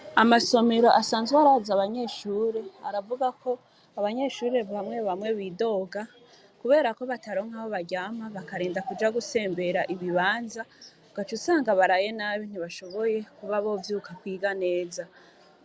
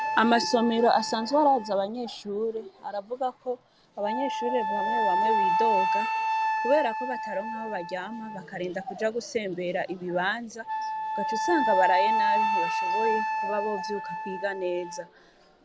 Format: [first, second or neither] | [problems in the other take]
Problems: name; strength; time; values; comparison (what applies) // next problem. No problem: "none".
first | background sound (Wind instrument, woodwind instrument); 1 dB below the speech